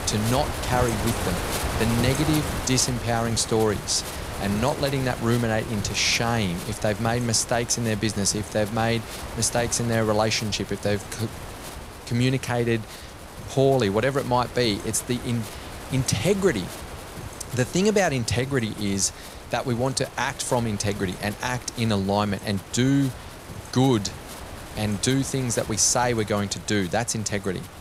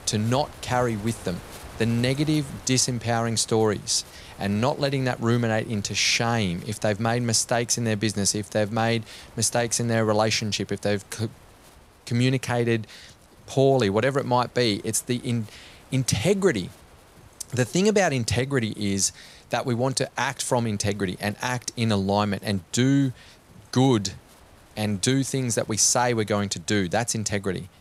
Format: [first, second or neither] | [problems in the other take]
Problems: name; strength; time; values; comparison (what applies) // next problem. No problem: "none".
second | wind noise on the microphone; heavy; 10 dB below the speech; occasional gusts in the second